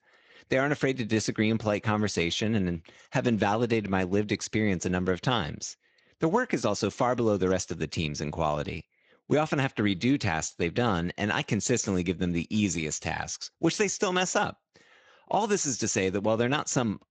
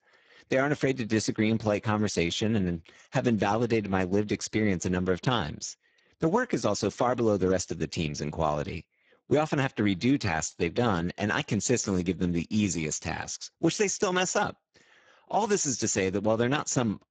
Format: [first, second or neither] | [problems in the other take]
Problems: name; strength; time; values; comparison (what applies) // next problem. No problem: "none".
first | garbled, watery; badly; nothing above 7.5 kHz; slightly in the first